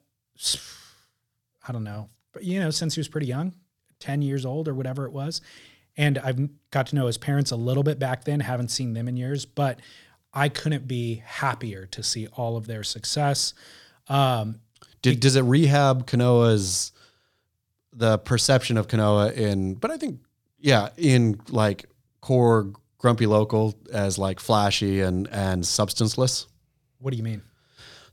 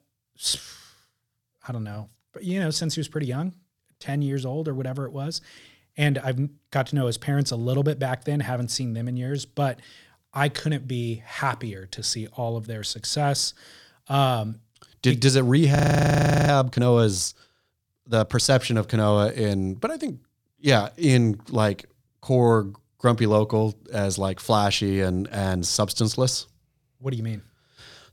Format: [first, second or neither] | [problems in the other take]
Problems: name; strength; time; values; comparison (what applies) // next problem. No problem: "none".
first | audio freezing; at 16 s for 0.5 s